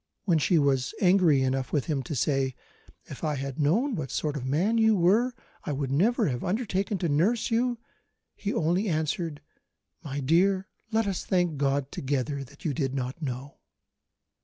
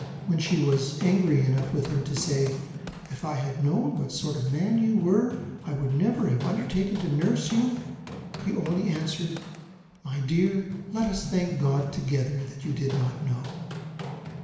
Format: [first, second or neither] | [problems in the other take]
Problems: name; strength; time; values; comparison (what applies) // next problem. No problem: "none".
first | background sound (Run); 11 dB below the speech // room echo; dies away in 1 s